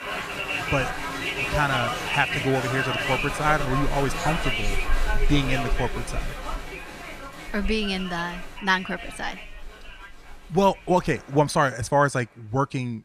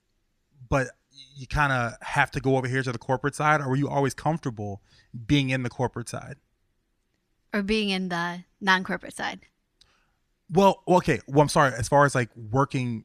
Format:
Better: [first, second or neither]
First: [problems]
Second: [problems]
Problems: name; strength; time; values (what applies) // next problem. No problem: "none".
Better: second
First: crowd noise; loud; throughout; 3 dB below the speech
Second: none